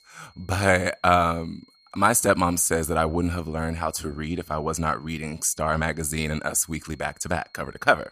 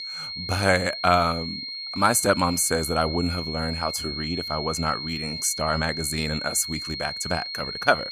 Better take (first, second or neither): first